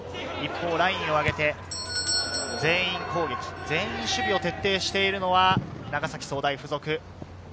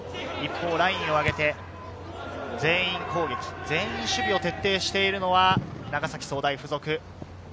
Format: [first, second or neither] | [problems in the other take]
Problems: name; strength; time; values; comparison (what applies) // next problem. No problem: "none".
second | background sound (Doorbell); 10 dB below the speech